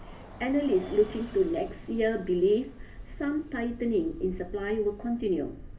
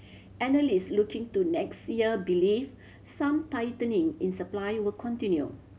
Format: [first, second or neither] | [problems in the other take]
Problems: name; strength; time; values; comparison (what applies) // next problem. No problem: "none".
second | background sound (Bus); 15 dB below the speech // room echo; dies away in 0.3 s